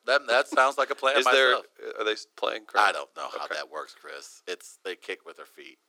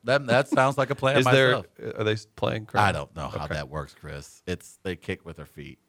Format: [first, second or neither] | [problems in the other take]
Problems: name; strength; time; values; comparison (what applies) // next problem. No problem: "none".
second | thin; very; fading below 350 Hz